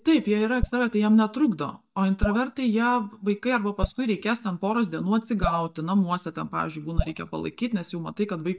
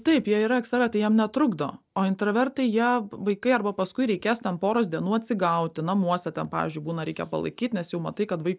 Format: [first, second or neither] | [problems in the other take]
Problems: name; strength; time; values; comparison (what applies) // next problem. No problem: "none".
second | noise reduction (neural mask model DeepFilterNet 3)